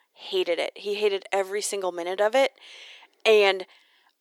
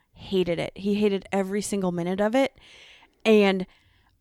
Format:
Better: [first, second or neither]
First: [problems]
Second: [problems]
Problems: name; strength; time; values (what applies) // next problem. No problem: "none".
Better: second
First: thin; very; fading below 400 Hz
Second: none